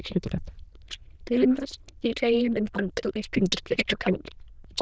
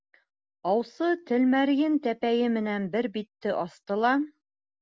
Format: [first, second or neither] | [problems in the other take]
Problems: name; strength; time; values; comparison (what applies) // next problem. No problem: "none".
second | noise reduction (neural diffusion model UNIVERSE++)